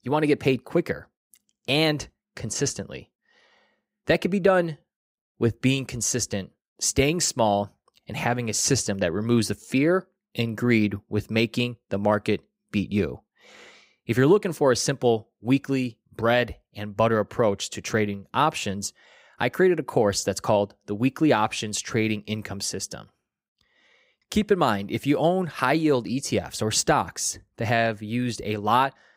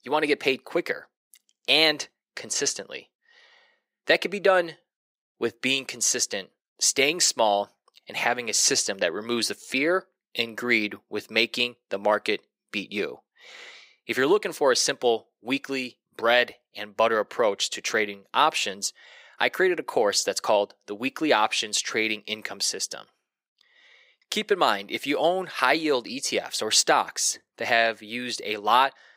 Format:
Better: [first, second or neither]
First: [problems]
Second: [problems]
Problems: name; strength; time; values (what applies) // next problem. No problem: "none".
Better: first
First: none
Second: thin; somewhat; fading below 400 Hz